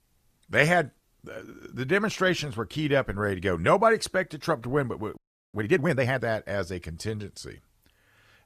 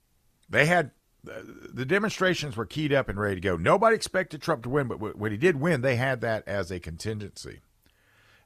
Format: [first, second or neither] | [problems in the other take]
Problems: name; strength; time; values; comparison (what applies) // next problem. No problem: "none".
second | audio freezing; at 5 s